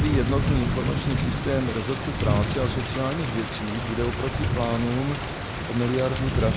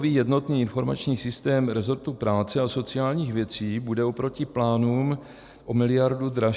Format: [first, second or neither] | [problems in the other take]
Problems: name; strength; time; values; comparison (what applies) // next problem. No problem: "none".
second | background sound (Thunder / Rain); 1 dB above the speech